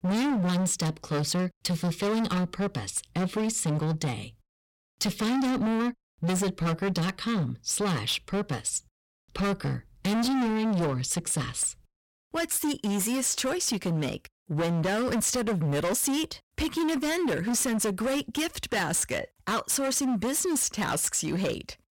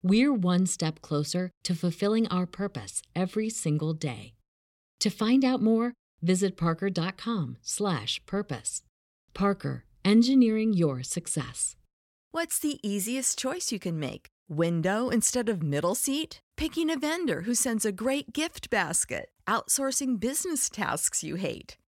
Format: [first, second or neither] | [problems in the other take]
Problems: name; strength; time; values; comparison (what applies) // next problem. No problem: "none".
second | distortion; heavy; 27% of the sound clipped